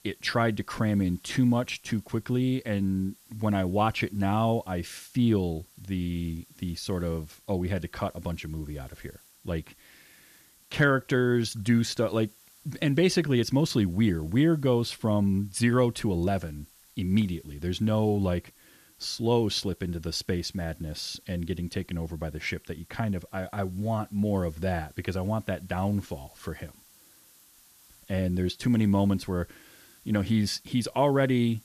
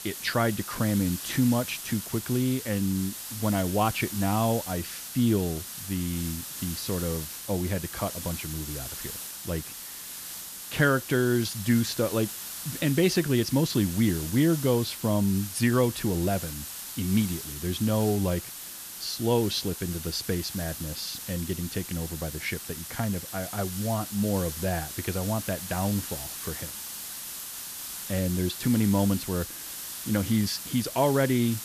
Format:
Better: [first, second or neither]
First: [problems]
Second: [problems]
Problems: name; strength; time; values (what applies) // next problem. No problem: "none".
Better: first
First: hiss; faint; throughout; 25 dB below the speech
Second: hiss; loud; throughout; 8 dB below the speech